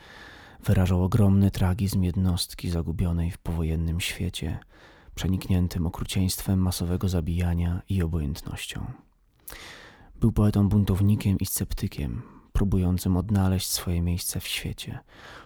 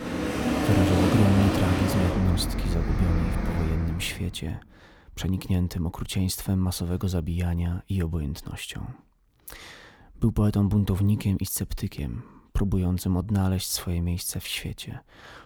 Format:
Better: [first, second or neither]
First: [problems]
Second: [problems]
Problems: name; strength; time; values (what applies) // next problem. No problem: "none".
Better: first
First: none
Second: traffic noise; very loud; until 3.5 s; as loud as the speech